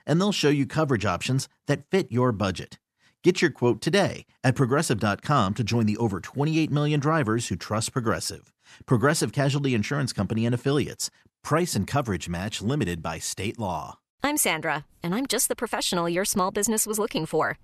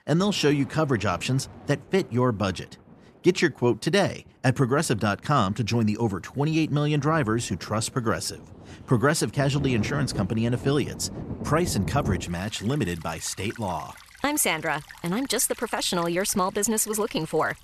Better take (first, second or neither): first